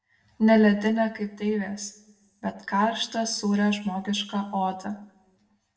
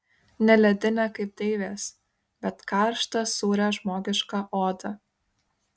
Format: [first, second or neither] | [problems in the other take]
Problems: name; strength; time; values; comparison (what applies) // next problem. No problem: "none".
second | room echo; dies away in 0.6 s